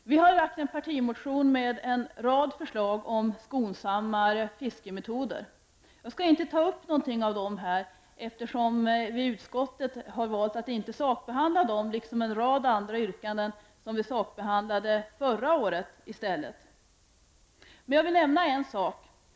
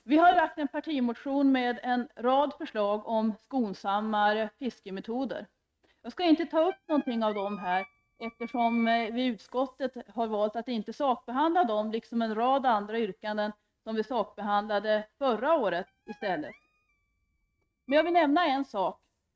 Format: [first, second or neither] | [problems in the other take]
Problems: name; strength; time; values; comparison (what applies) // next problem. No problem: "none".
first | noise reduction (neural mask model RNNoise)